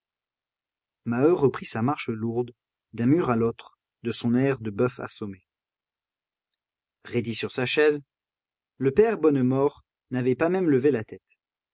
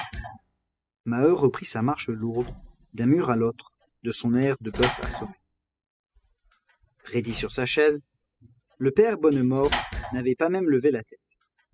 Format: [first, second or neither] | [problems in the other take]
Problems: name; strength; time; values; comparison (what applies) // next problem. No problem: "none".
first | noise reduction (classical method spectral subtraction)